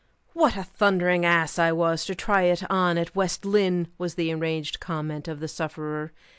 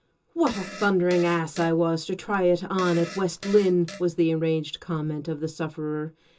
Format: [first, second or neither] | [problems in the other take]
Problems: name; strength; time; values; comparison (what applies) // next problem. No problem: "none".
first | background sound (Fart); 16 dB below the speech // room echo; dies away in 0.2 s